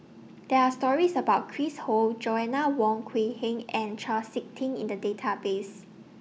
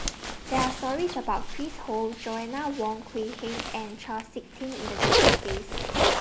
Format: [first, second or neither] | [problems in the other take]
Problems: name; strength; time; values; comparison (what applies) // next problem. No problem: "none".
first | background sound (Zipper (clothing)); 3 dB above the speech